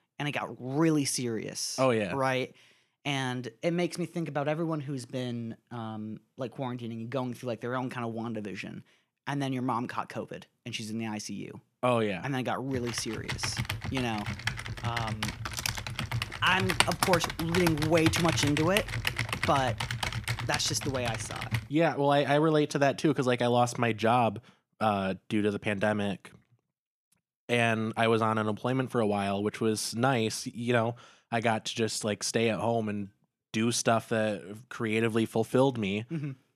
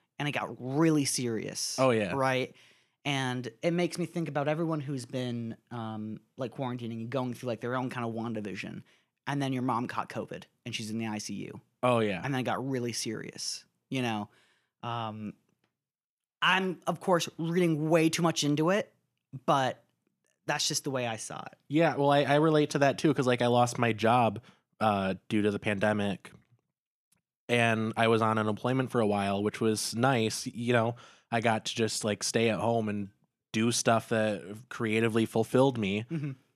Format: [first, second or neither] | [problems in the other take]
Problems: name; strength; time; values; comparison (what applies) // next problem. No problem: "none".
second | keyboard typing; loud; from 13 to 22 s; peak 3 dB above the speech